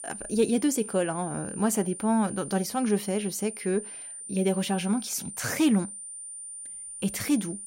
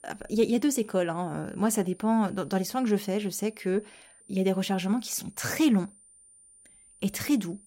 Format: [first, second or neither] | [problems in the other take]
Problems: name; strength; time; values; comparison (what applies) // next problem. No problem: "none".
second | high-pitched whine; loud; throughout; 9 kHz, 10 dB below the speech; faint in the second